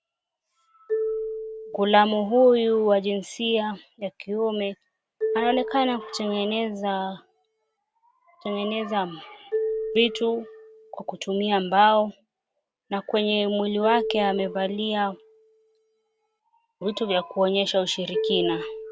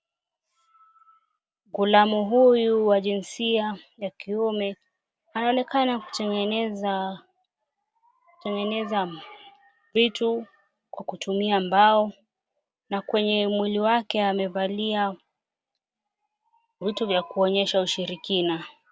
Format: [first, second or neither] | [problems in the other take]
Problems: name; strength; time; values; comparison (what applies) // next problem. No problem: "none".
second | background sound (Marimba, xylophone); 9 dB below the speech